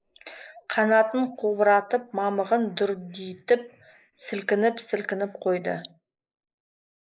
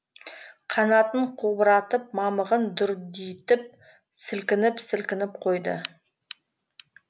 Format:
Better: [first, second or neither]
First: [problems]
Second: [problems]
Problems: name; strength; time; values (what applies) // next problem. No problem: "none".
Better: second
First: noise reduction (neural mask model Resemble Enhance denoiser)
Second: none